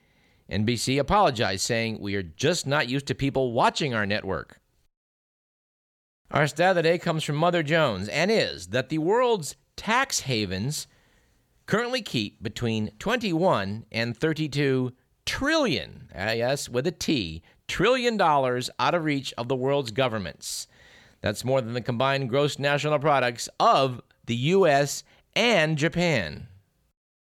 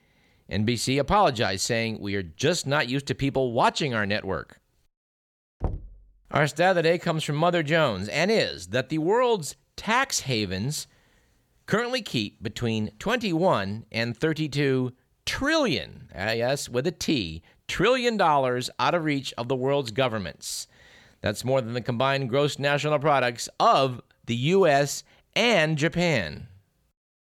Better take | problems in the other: first | door banging; noticeable; at 5.5 s; peak 9 dB below the speech

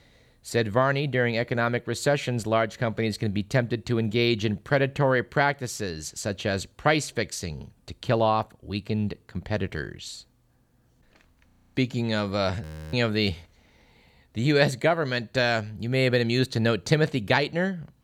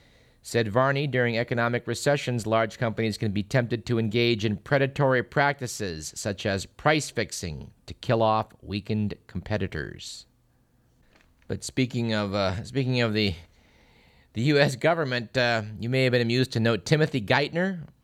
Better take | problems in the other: second | audio freezing; at 11 s and at 13 s

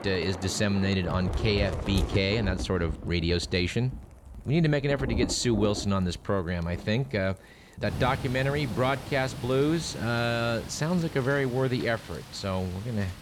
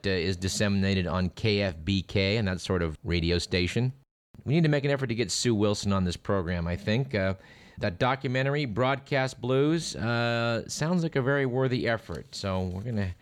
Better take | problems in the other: second | rain or running water; loud; throughout; 10 dB below the speech

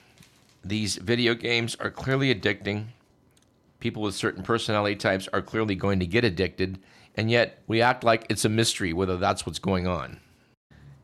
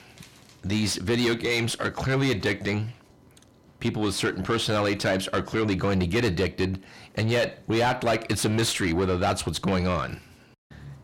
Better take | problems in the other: first | distortion; heavy; 6 dB below the speech

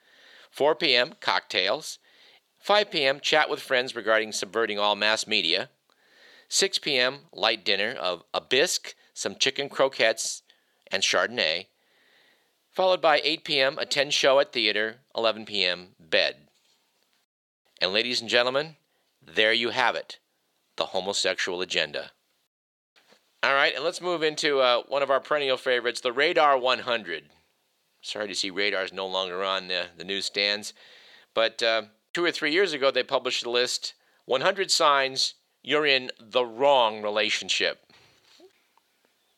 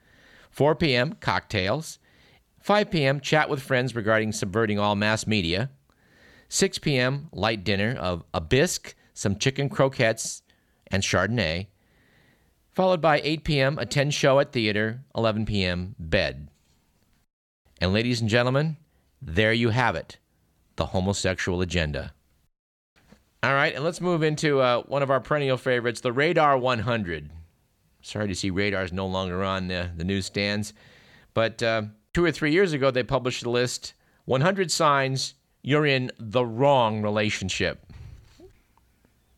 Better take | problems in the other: second | thin; somewhat; fading below 450 Hz

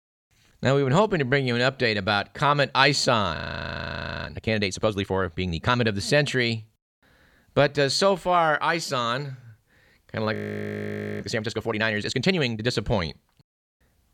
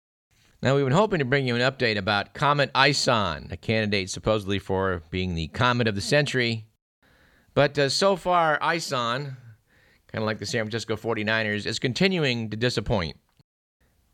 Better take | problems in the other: second | audio freezing; at 3.5 s for 1 s and at 10 s for 1 s

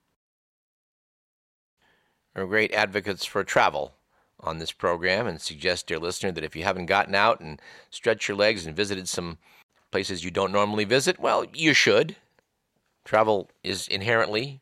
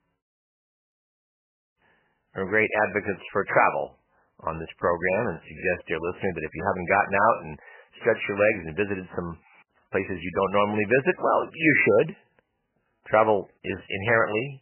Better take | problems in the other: first | garbled, watery; badly; nothing above 2.5 kHz

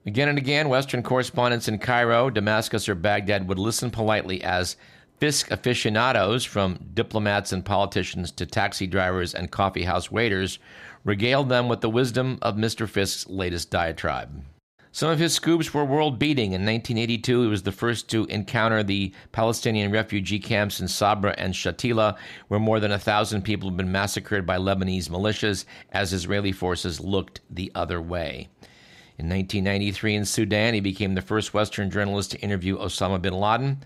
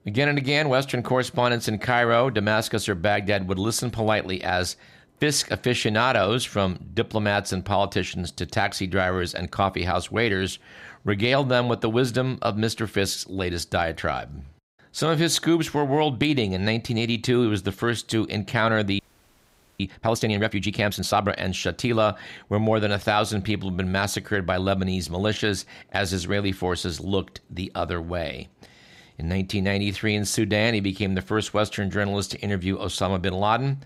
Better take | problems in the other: first | audio freezing; at 19 s for 1 s

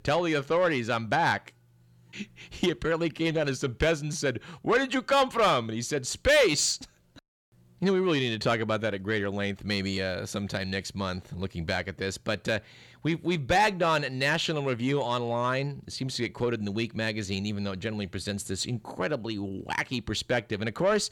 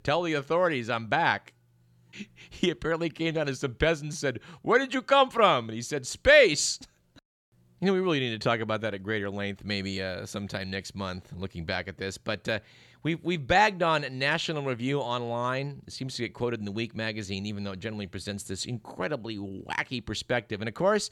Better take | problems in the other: second | distortion; slight; 10 dB below the speech

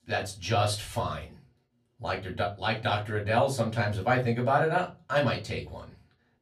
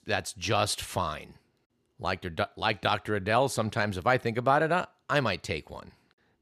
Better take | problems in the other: second | off-mic speech; far // room echo; very slight; dies away in 0.3 s

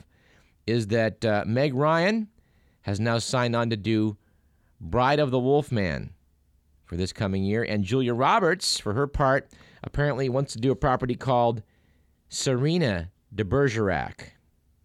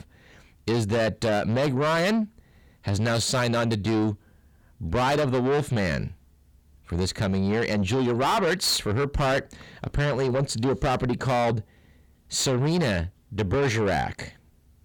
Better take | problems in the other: first | distortion; heavy; 6 dB below the speech

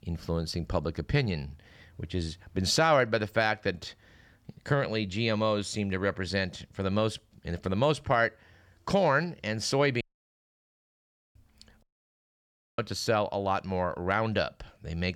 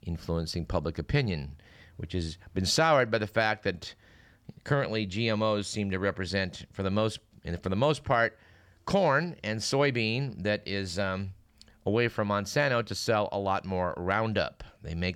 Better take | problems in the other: second | audio cutting out; at 10 s for 1.5 s and at 12 s for 1 s

